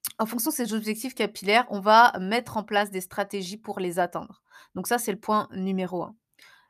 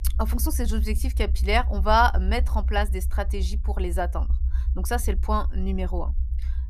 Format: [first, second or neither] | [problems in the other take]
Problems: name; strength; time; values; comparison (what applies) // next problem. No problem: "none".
first | low rumble; faint; throughout; 20 dB below the speech